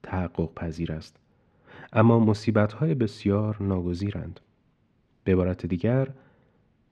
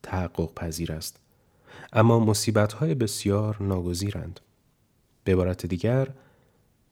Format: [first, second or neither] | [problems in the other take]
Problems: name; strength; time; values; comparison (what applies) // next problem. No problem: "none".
second | muffled; slightly; fading above 2.5 kHz